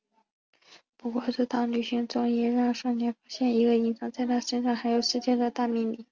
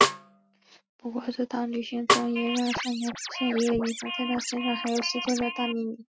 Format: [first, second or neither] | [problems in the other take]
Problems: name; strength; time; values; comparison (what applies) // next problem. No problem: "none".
first | noise reduction (classical method Wiener filter)